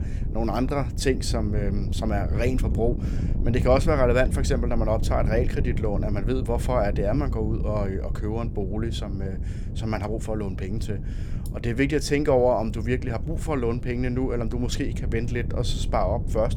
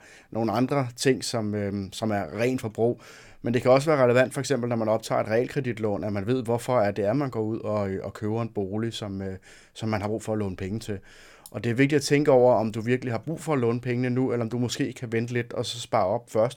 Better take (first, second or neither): second